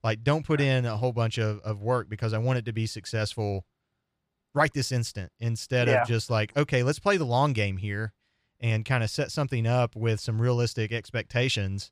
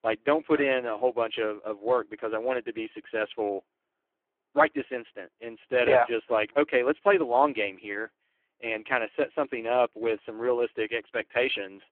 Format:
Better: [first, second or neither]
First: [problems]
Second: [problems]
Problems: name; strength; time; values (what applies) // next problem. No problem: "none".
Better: first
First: none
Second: phone-call audio; poor line